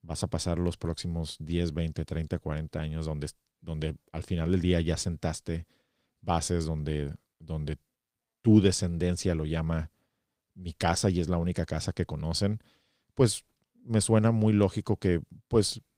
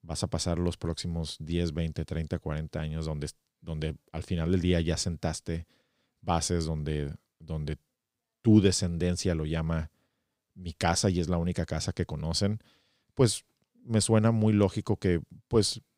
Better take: second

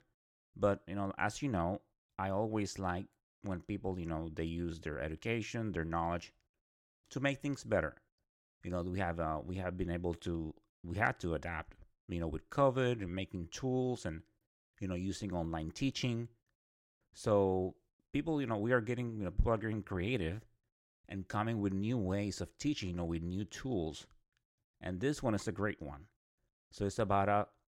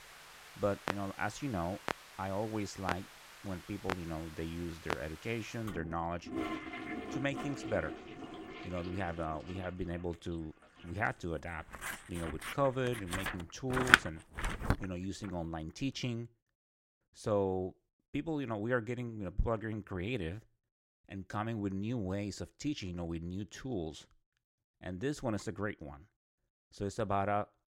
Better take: first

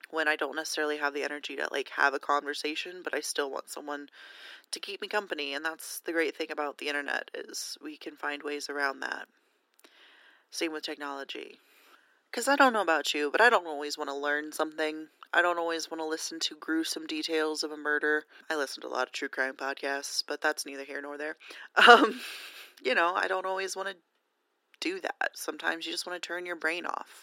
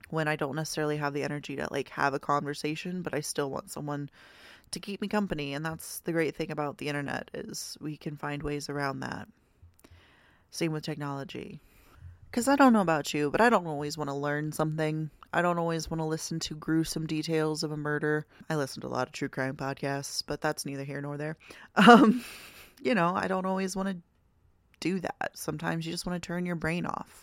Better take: second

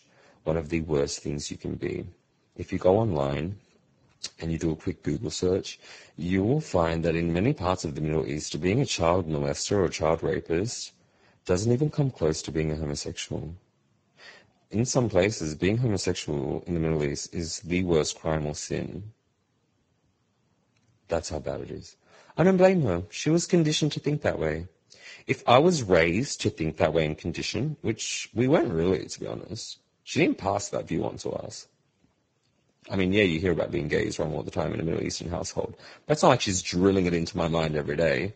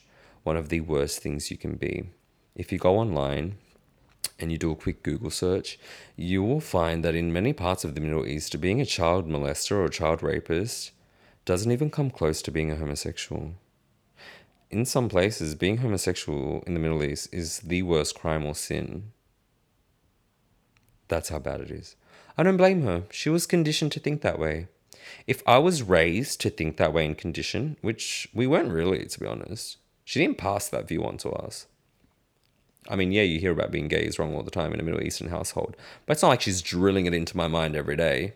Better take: second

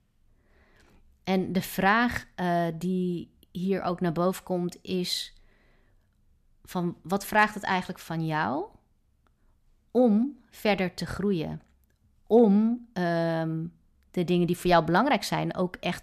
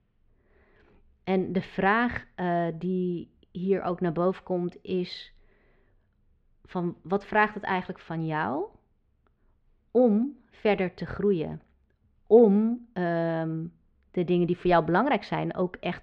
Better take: first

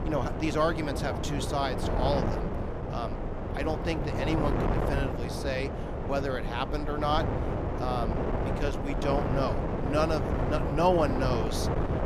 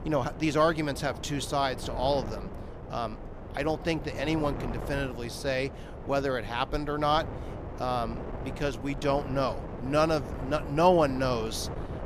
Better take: second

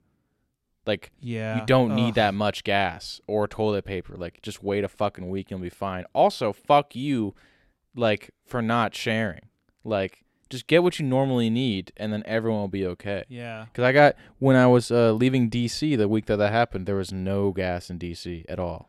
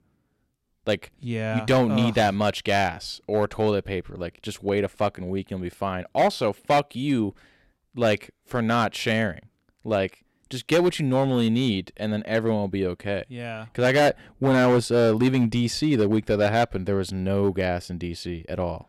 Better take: first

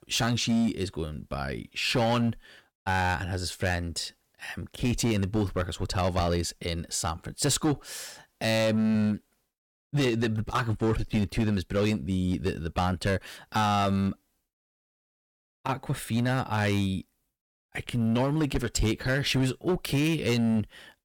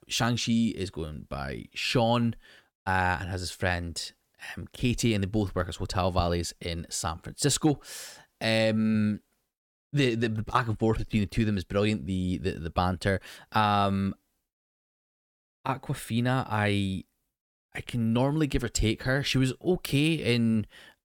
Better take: second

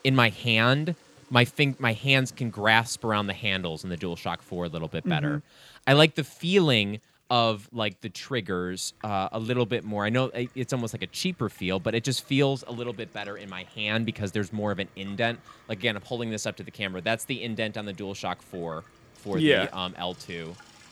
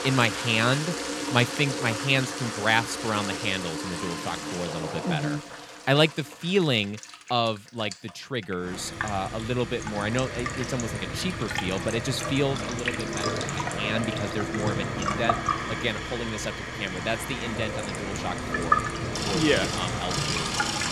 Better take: first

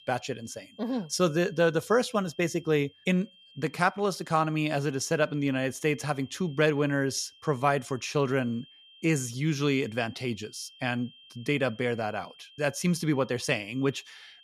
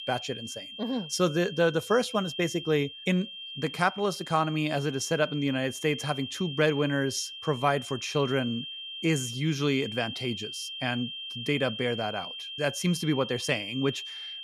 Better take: first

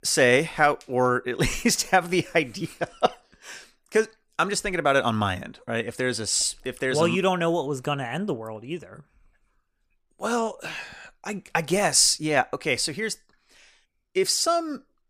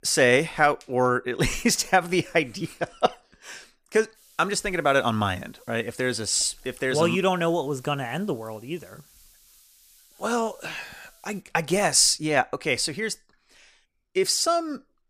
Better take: first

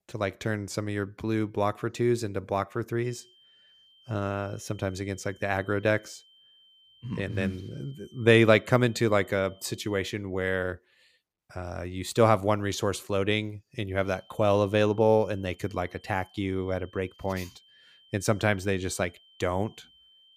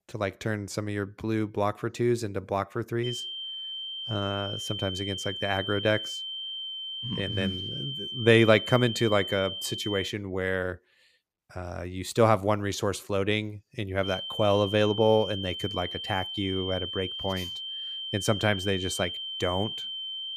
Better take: first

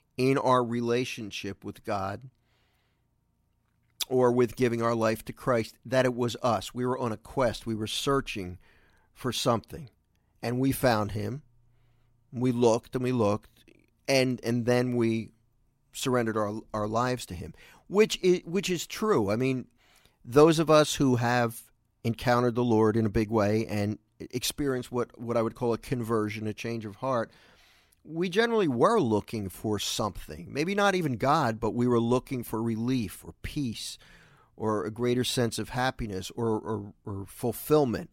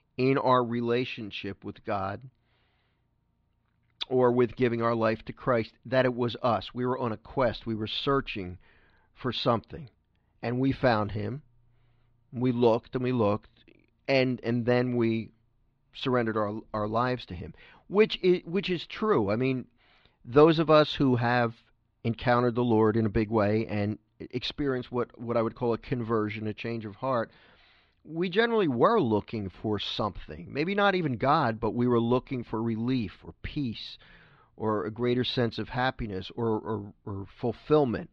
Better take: first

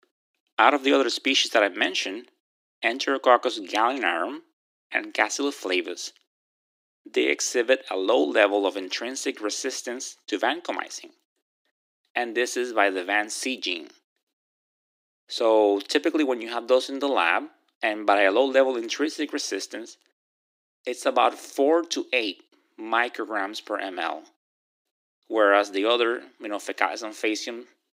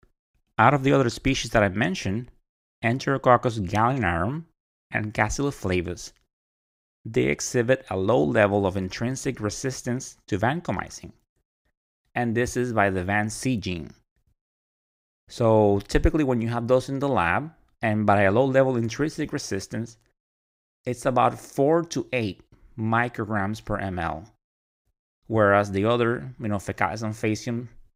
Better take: second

